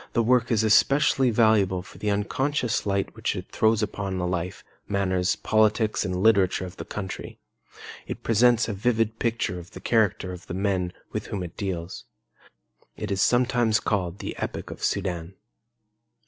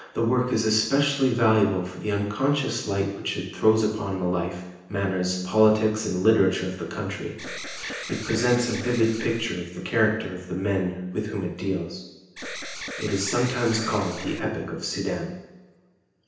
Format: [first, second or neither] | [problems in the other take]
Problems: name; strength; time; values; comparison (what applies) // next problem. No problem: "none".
first | background sound (Alarm); 10 dB below the speech // room echo; dies away in 0.9 s